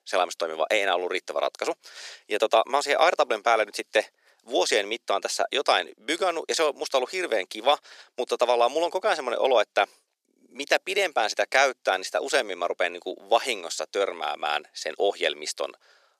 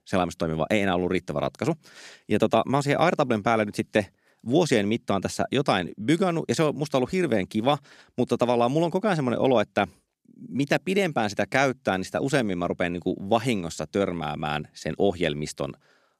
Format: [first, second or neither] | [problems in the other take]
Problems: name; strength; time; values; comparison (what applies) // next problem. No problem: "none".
second | thin; very; fading below 450 Hz